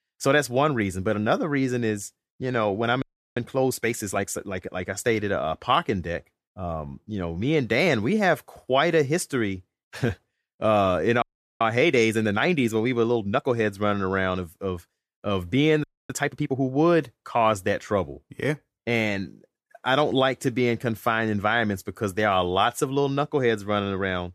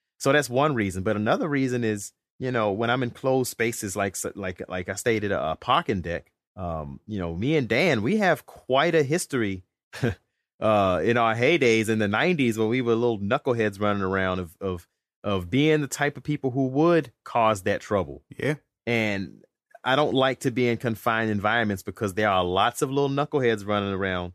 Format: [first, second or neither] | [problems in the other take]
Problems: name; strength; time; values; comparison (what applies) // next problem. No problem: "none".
second | audio freezing; at 3 s, at 11 s and at 16 s